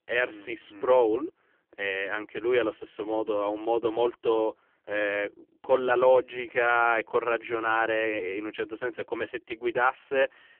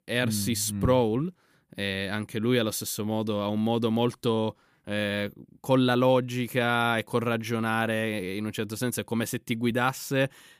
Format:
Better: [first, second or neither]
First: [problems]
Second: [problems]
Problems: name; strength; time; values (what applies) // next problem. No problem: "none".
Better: second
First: phone-call audio; poor line; nothing above 3 kHz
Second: none